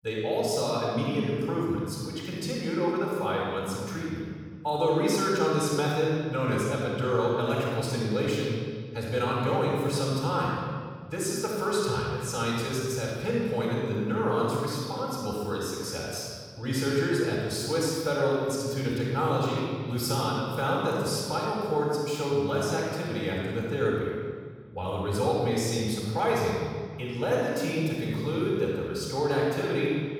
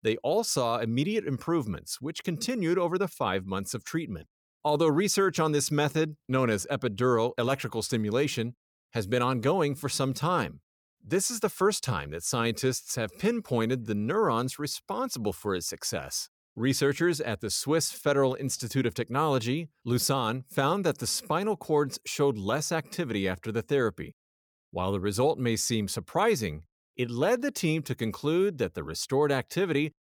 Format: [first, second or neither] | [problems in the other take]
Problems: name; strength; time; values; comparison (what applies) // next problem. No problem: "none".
second | room echo; strong; dies away in 1.7 s // off-mic speech; far